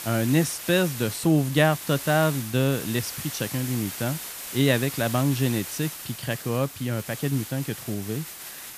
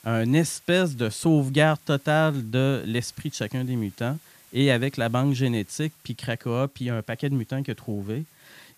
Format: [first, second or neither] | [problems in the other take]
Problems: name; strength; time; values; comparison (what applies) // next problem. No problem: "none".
second | hiss; loud; throughout; 9 dB below the speech; faint in the second